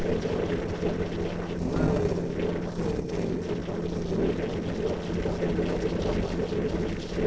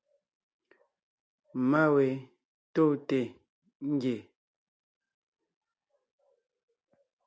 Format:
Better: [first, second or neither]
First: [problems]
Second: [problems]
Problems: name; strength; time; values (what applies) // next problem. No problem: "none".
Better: second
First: noise reduction (neural separator model SepFormer DNS4)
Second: none